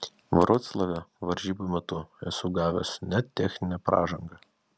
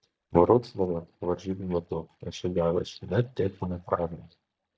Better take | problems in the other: first | noise reduction (neural mask model DeepFilterNet 3)

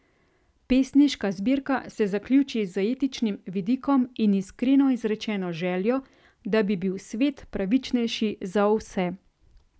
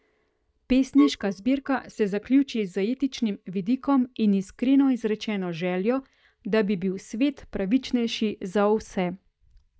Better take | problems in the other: first | noise reduction (neural mask model DeepFilterNet 3)

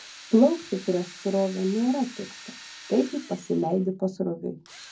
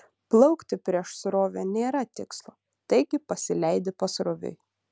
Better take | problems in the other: second | background sound (Drill); 19 dB below the speech // room echo; dies away in 0.3 s

